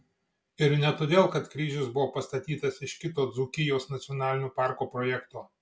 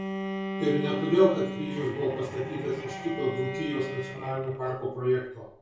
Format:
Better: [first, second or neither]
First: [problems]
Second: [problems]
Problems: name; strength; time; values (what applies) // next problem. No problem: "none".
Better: first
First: none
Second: background sound (Bowed string instrument); 7 dB below the speech // room echo; dies away in 0.6 s